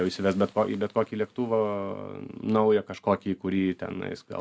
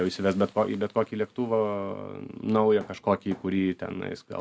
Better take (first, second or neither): first